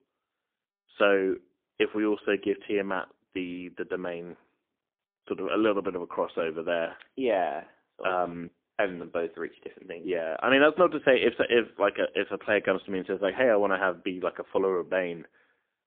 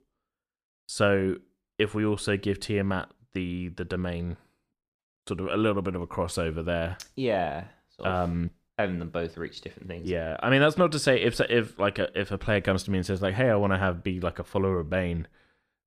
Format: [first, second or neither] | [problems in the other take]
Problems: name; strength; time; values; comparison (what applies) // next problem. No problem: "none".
second | phone-call audio; poor line; nothing above 3.5 kHz